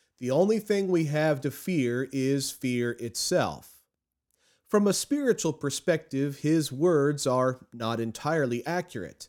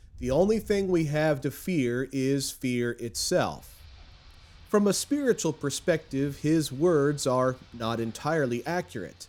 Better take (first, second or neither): first